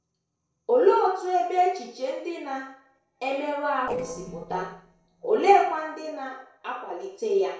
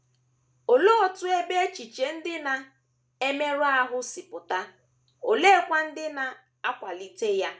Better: second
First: noise reduction (neural separator model SepFormer DNS4)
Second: none

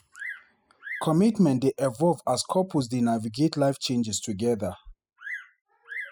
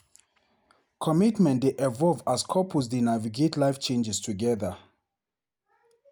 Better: second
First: noise reduction (classical method spectral subtraction)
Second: none

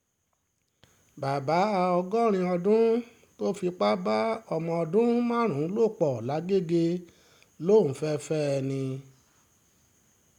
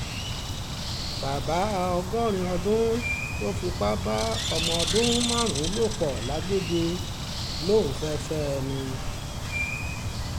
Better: first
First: none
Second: background sound (Bird); 2 dB below the speech

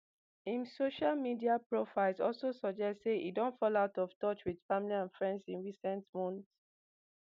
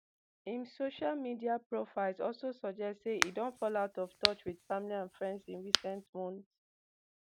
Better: first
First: none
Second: background sound (Crack); as loud as the speech

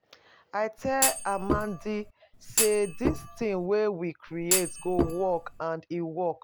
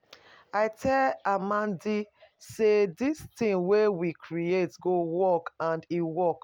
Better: second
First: background sound (Thump, thud); 1 dB below the speech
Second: none

